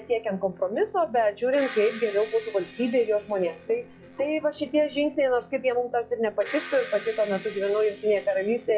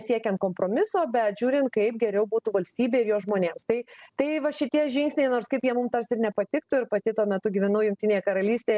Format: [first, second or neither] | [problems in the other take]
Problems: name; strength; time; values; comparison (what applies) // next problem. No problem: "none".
second | noise reduction (classical method log-MMSE)